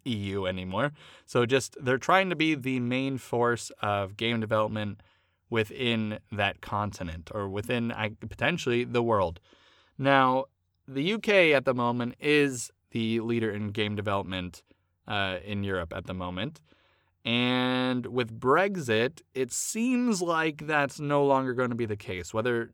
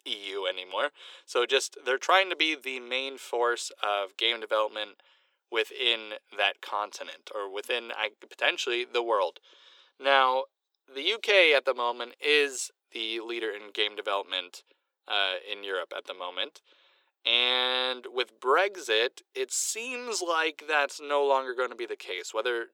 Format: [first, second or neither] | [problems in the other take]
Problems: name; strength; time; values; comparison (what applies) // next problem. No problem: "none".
first | thin; very; fading below 350 Hz